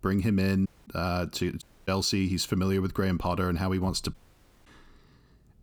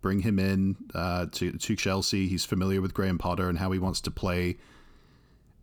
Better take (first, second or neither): second